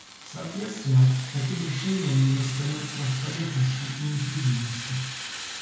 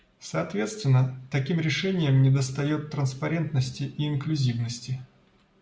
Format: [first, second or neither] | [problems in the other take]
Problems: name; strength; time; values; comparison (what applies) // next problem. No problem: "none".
second | background sound (Fire); 11 dB below the speech // room echo; dies away in 0.6 s